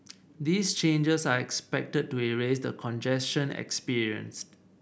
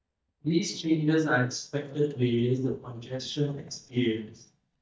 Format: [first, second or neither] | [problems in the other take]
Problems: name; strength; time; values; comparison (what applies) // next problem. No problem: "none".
first | noise reduction (neural mask model DeepFilterNet 3)